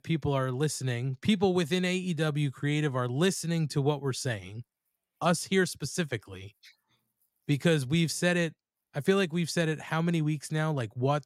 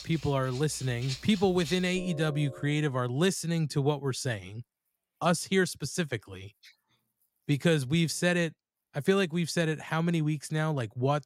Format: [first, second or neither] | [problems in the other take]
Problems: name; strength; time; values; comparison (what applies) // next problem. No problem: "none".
first | background music; noticeable; until 2.5 s; 15 dB below the speech